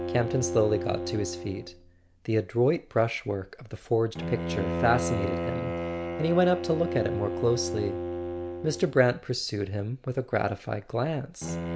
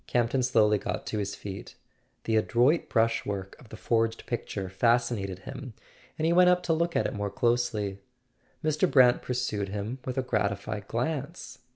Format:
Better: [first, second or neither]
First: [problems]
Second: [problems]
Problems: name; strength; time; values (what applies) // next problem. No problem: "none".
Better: second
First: background sound (Bowed string instrument); 6 dB below the speech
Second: none